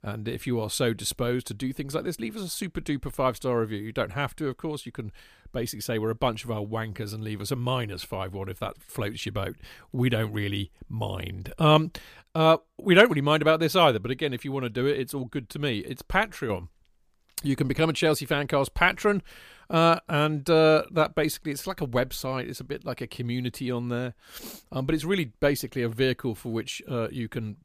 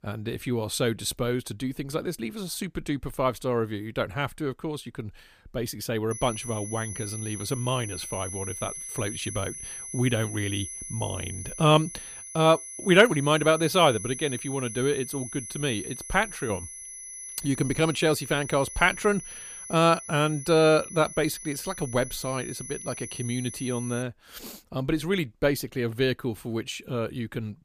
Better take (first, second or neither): first